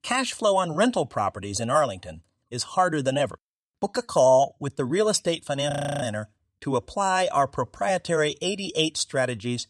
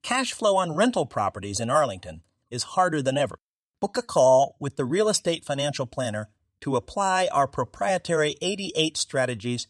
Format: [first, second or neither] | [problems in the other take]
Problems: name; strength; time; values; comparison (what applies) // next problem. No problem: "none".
second | audio freezing; at 5.5 s